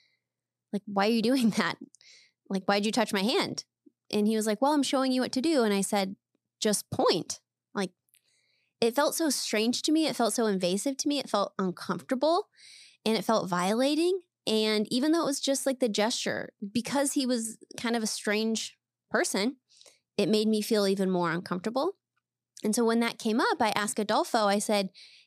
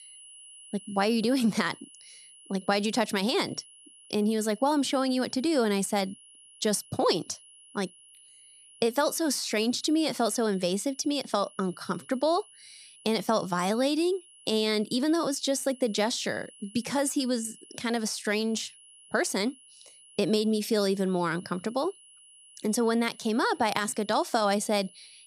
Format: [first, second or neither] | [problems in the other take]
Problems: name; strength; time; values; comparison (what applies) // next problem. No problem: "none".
first | high-pitched whine; faint; throughout; 10.5 kHz, 25 dB below the speech